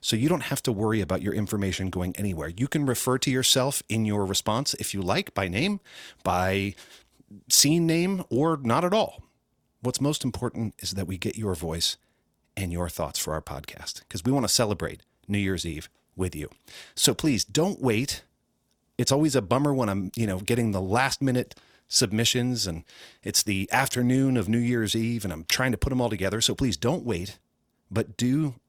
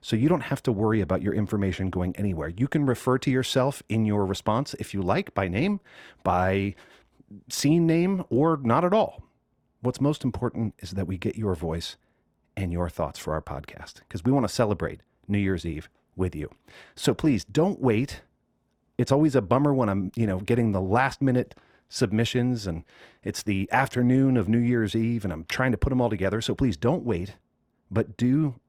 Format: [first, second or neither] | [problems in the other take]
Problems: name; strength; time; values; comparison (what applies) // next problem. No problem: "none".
first | muffled; slightly; fading above 3 kHz